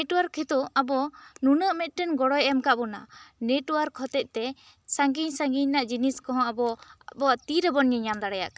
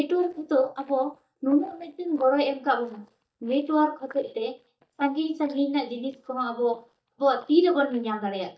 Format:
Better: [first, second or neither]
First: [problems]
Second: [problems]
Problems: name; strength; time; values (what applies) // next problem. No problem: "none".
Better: first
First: none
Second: noise reduction (neural mask model DeepFilterNet 3)